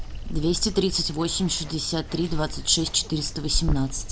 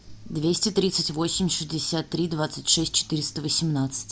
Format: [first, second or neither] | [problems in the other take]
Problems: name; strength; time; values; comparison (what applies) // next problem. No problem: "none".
second | background sound (Water); 4 dB below the speech